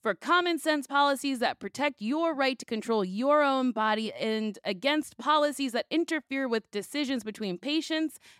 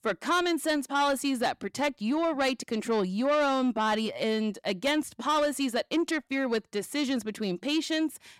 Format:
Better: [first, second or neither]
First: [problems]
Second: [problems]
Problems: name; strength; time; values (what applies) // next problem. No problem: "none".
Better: first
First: none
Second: distortion; slight; 10 dB below the speech